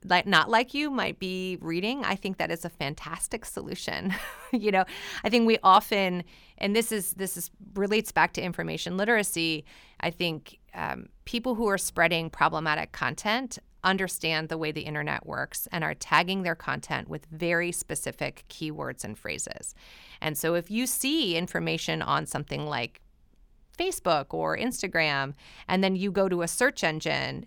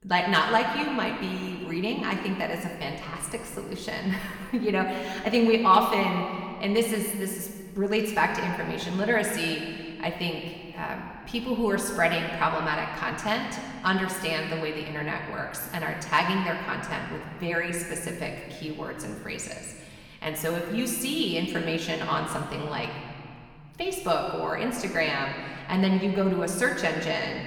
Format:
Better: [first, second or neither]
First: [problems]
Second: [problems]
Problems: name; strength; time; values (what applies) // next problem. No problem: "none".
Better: first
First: none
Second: room echo; noticeable; dies away in 2 s // off-mic speech; somewhat distant